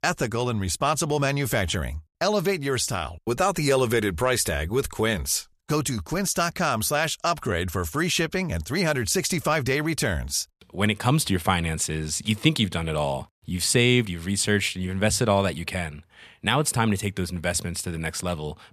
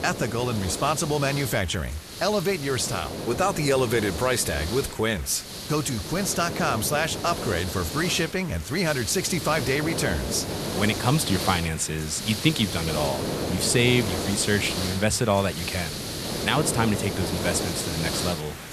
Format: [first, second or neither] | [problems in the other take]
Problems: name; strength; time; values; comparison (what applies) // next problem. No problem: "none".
first | hiss; loud; throughout; 6 dB below the speech